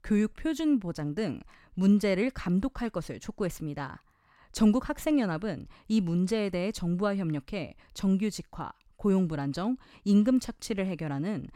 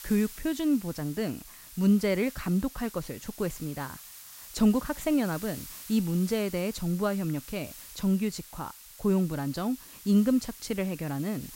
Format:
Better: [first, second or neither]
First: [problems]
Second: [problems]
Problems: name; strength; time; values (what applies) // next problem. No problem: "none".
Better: first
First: none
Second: hiss; noticeable; throughout; 15 dB below the speech